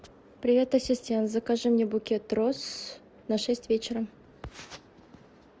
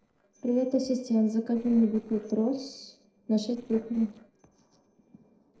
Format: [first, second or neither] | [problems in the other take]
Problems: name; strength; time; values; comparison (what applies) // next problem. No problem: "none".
first | noise reduction (neural separator model SepFormer DNS4)